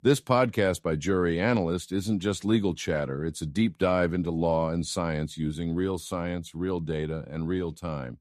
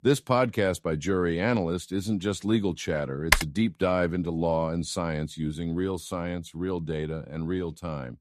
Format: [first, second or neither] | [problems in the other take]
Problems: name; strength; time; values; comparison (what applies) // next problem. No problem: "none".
first | keyboard typing; loud; at 3.5 s; peak 4 dB above the speech